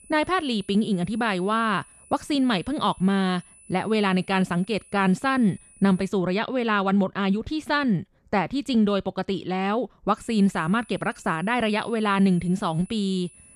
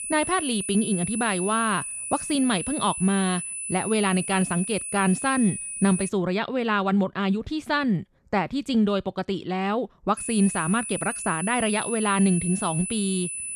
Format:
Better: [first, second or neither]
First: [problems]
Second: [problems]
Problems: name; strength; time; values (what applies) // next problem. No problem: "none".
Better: first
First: high-pitched whine; faint; until 6 s and from 10 s on; 10 kHz, 25 dB below the speech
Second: high-pitched whine; loud; until 6 s and from 10 s on; 10 kHz, 5 dB below the speech